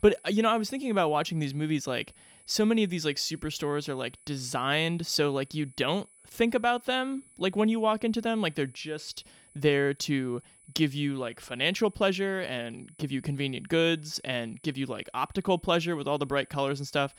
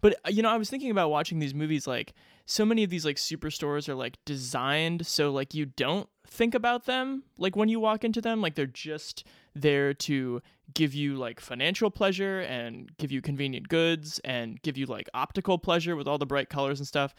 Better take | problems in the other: second | high-pitched whine; faint; throughout; 10 kHz, 25 dB below the speech

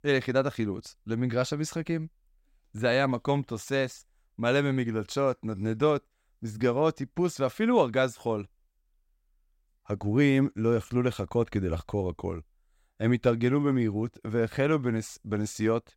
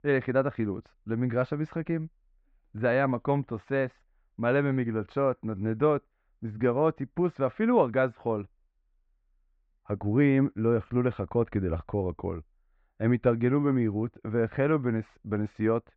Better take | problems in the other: first | muffled; very; fading above 2 kHz

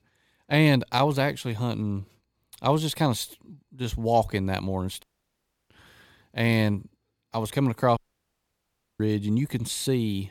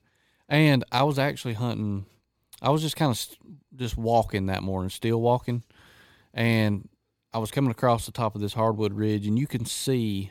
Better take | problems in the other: second | audio cutting out; at 5 s for 0.5 s and at 8 s for 1 s

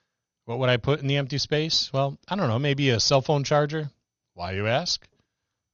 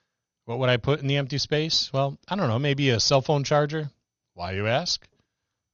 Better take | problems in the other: neither | garbled, watery; slightly; nothing above 6.5 kHz; the same in both

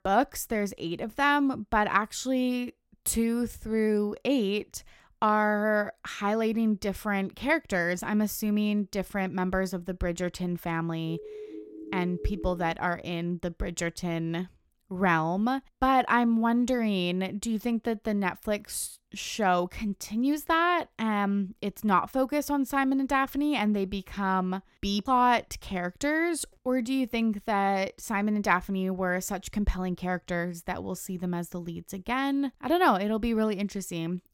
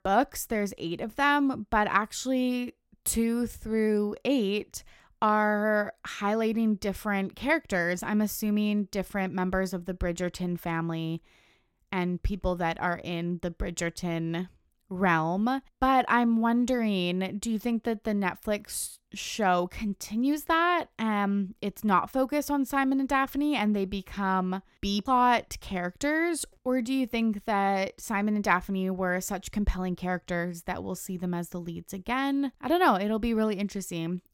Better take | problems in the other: second | siren; faint; from 11 to 13 s; peak 10 dB below the speech

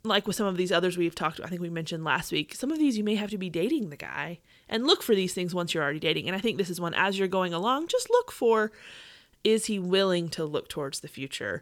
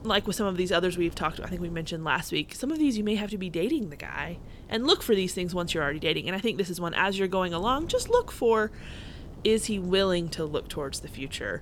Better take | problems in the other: first | wind noise on the microphone; occasional gusts; 25 dB below the speech

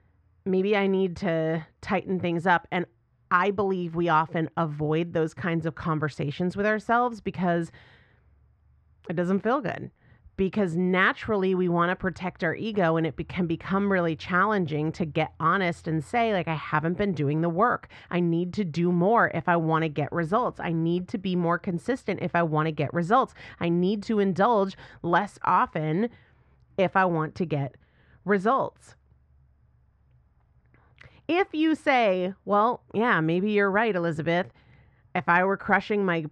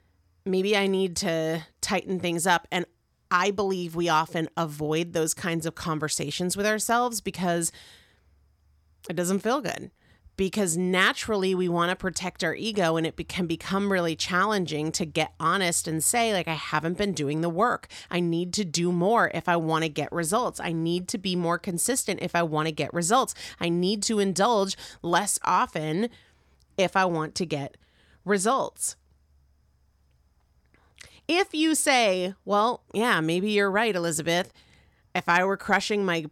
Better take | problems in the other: second | muffled; very; fading above 2 kHz

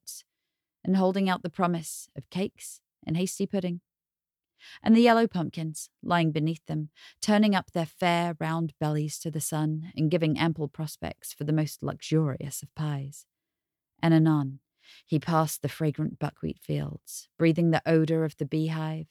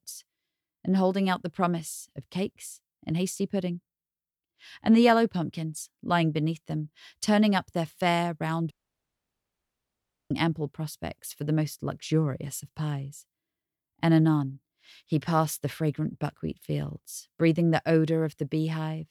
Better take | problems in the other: first | audio cutting out; at 8.5 s for 1.5 s

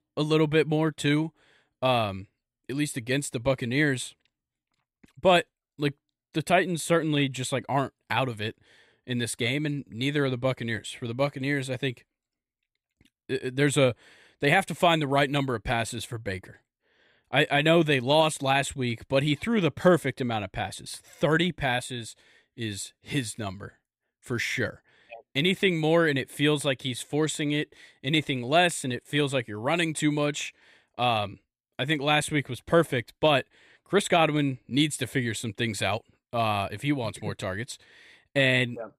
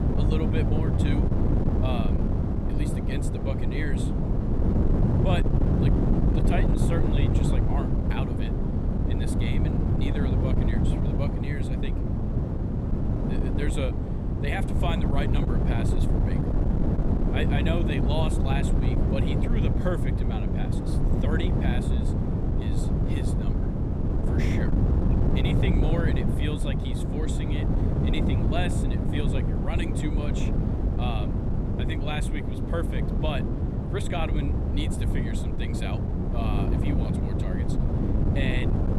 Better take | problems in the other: first | wind noise on the microphone; heavy; 1 dB above the speech

